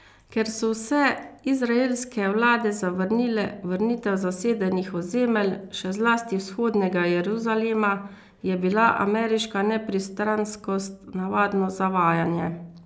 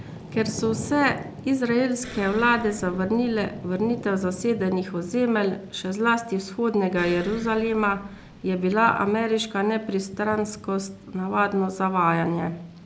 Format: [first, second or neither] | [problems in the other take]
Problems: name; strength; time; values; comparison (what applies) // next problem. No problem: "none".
first | background sound (Explosion + Thunder / Rain); 15 dB below the speech